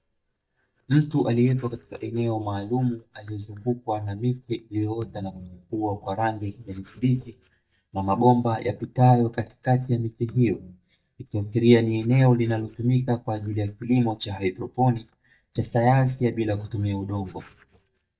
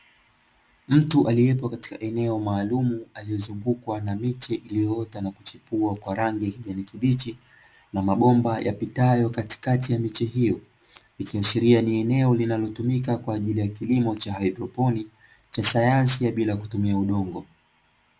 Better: second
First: noise reduction (neural mask model DeepFilterNet 3)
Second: none

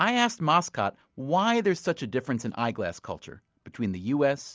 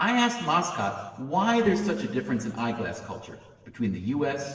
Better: first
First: none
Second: noise reduction (neural separator model SepFormer DNS4)

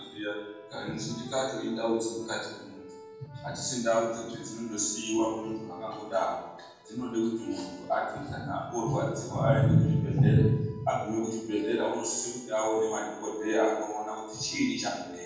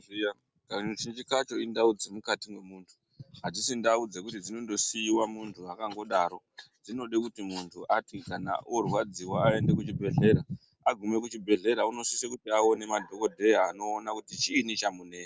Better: second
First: background sound (Accordion); 20 dB below the speech // room echo; dies away in 1.2 s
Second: none

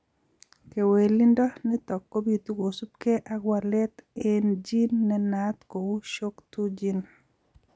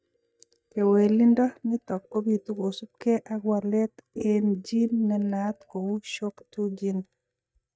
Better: first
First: none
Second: noise reduction (neural mask model DeepFilterNet 3)

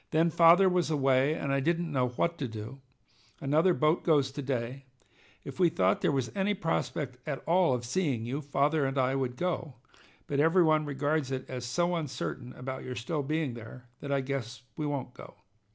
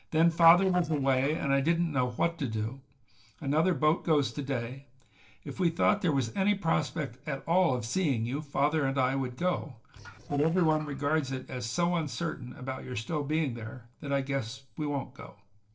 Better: first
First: none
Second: noise reduction (neural separator model SepFormer DNS4)

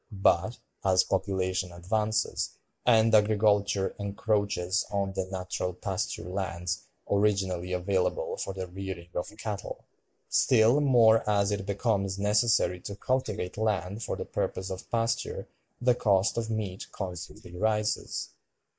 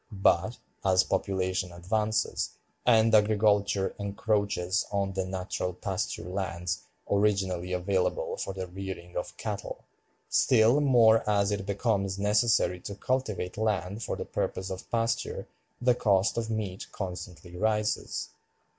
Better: second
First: noise reduction (neural mask model Resemble Enhance denoiser)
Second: none

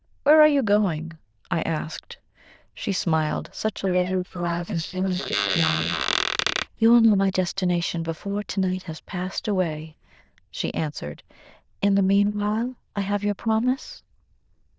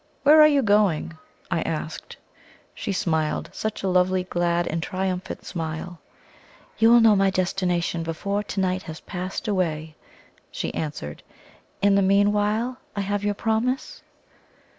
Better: second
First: noise reduction (neural diffusion model UNIVERSE++)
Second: none

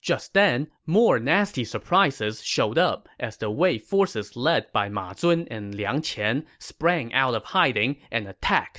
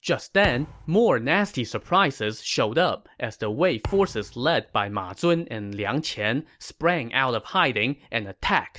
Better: first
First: none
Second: background sound (Thump, thud); 16 dB below the speech

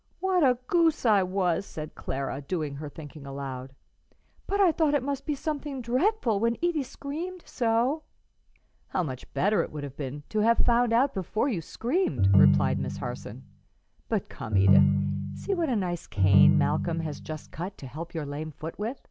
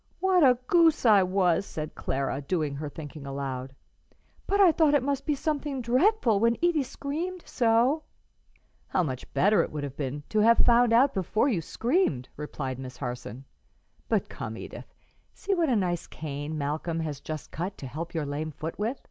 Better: second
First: background sound (Ringtone); 3 dB above the speech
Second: none

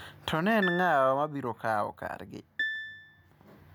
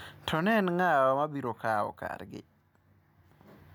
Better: second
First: background sound (Piano); 7 dB below the speech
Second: none

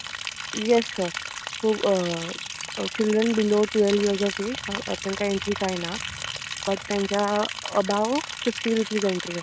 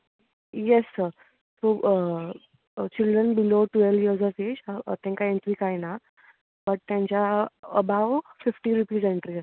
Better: second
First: background sound (Liquid); 8 dB below the speech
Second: none

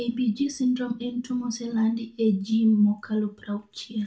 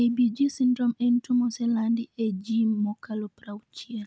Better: second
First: room echo; dies away in 0.2 s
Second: none

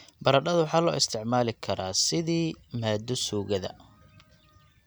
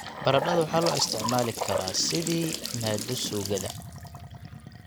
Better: first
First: none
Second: background sound (Trickle, dribble / Bathtub (filling or washing) / Sink (filling or washing) / Gurgling); 4 dB below the speech

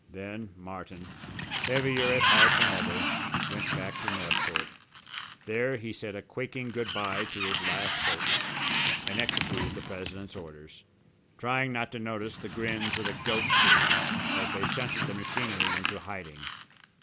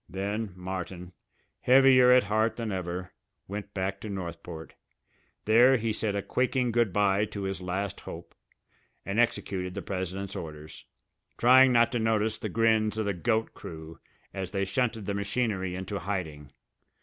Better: second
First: background sound (Sliding door); 5 dB above the speech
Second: none

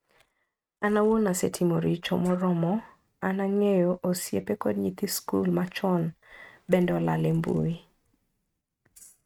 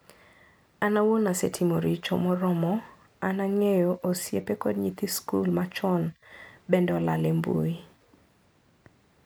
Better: second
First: noise reduction (neural mask model RNNoise)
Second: none

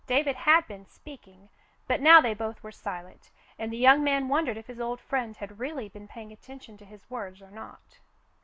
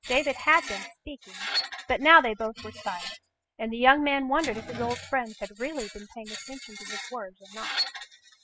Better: first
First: none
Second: noise reduction (classical method spectral subtraction)

